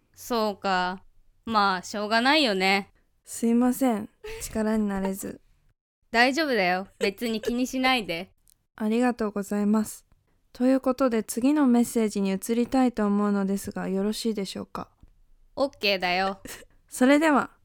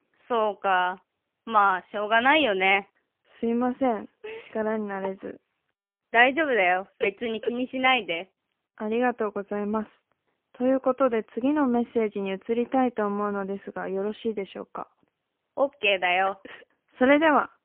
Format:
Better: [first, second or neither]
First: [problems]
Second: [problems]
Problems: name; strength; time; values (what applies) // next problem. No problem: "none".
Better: first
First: none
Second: phone-call audio; poor line; nothing above 3 kHz